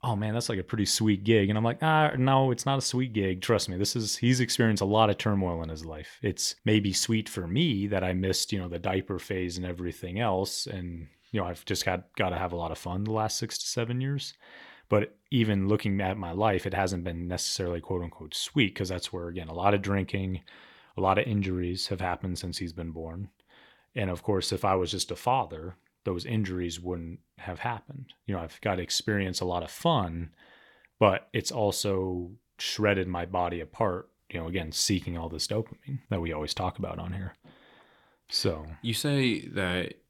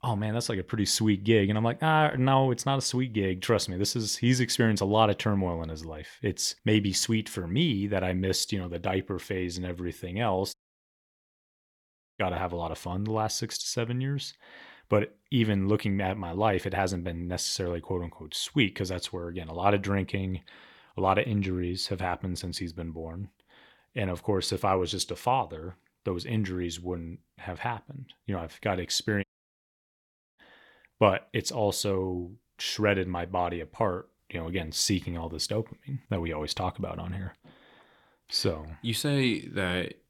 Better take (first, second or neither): first